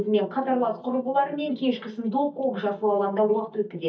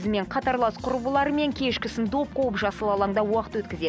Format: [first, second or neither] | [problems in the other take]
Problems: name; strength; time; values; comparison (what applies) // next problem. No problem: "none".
second | noise reduction (neural mask model DeepFilterNet 3)